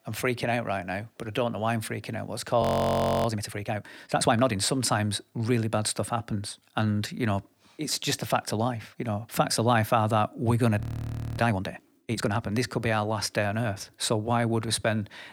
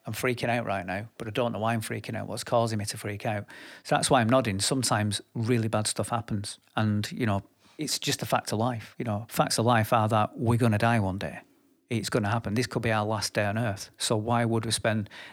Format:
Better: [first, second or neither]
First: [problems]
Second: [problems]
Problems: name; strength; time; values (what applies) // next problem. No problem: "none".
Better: second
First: audio freezing; at 2.5 s for 0.5 s and at 11 s for 0.5 s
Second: none